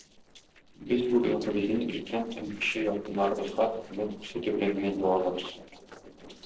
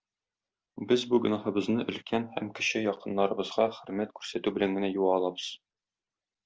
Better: second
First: noise reduction (neural separator model SepFormer DNS4)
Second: none

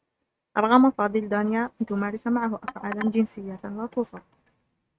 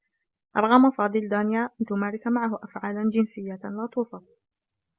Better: second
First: noise reduction (neural mask model RNNoise)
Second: none

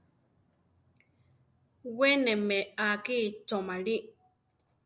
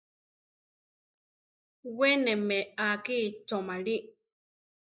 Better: first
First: none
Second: noise reduction (neural mask model Resemble Enhance denoiser)

